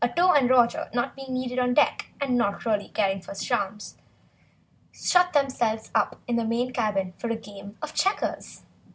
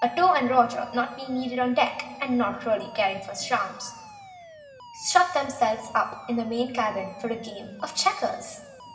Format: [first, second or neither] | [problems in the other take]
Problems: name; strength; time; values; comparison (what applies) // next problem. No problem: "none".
first | background sound (Alarm); 19 dB below the speech // room echo; dies away in 1.2 s